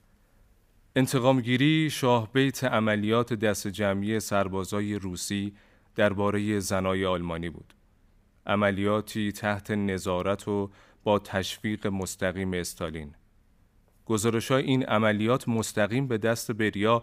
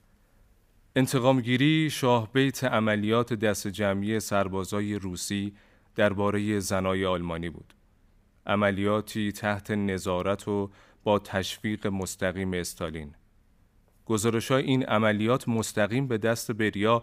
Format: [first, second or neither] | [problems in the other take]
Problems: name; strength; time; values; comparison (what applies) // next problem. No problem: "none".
neither | none